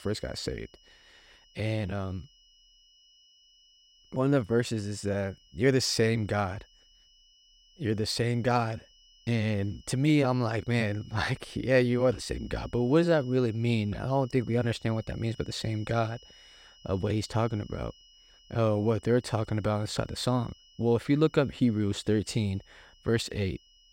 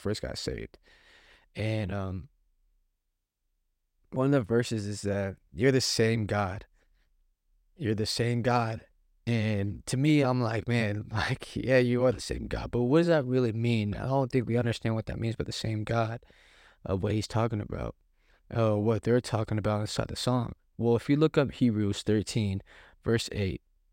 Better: second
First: high-pitched whine; faint; throughout; 3 kHz, 30 dB below the speech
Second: none

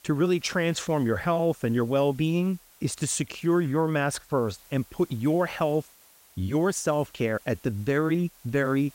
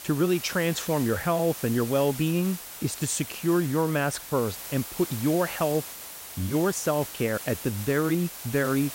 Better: first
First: hiss; faint; throughout; 25 dB below the speech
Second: hiss; loud; throughout; 10 dB below the speech

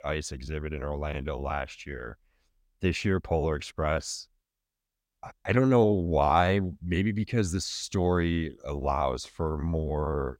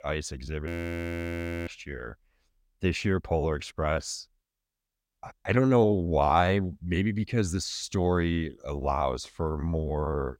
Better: first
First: none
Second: audio freezing; at 0.5 s for 1 s

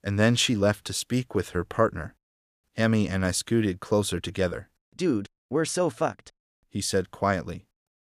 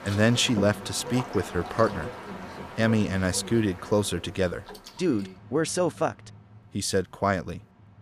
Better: first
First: none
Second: train or aircraft noise; noticeable; throughout; 15 dB below the speech

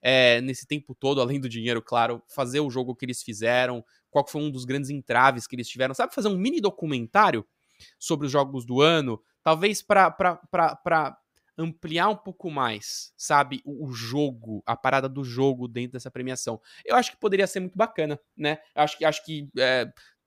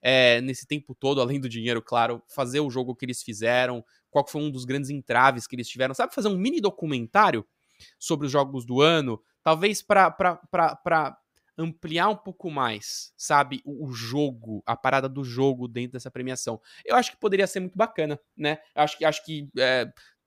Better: neither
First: none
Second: none

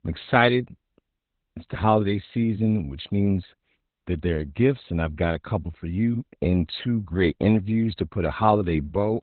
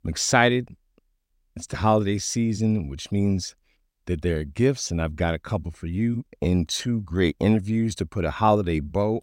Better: second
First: garbled, watery; badly; nothing above 4 kHz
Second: none

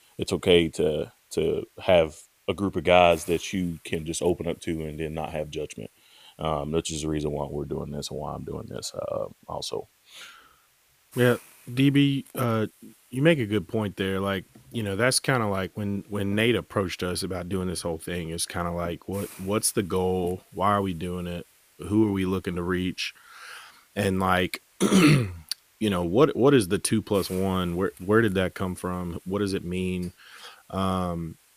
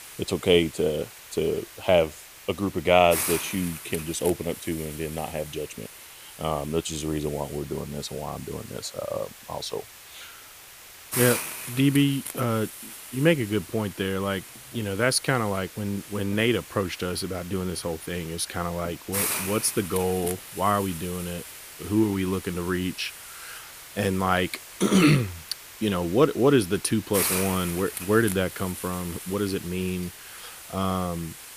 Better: first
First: hiss; faint; throughout; 25 dB below the speech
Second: hiss; loud; throughout; 9 dB below the speech

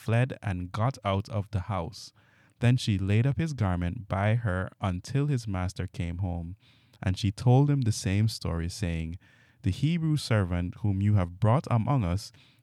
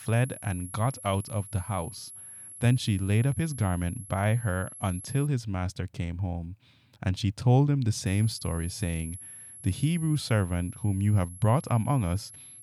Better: first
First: none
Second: high-pitched whine; noticeable; until 5.5 s and from 8 s on; 11 kHz, 15 dB below the speech

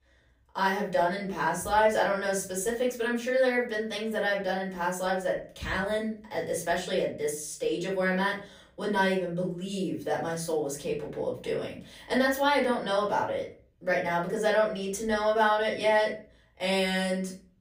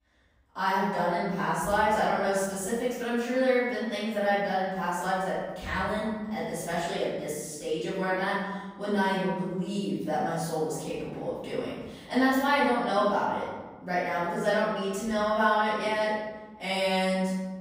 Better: first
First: room echo; slight; dies away in 0.4 s // off-mic speech; far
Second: room echo; strong; dies away in 1.2 s // off-mic speech; far

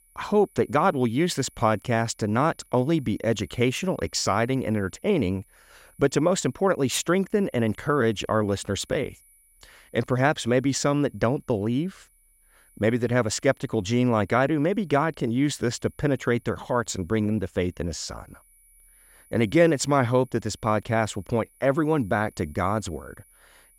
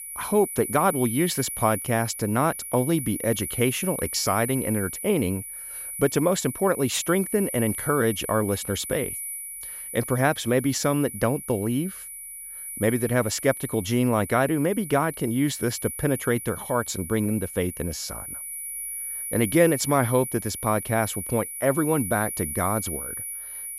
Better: first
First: high-pitched whine; faint; throughout; 10.5 kHz, 30 dB below the speech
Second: high-pitched whine; loud; throughout; 10.5 kHz, 7 dB below the speech

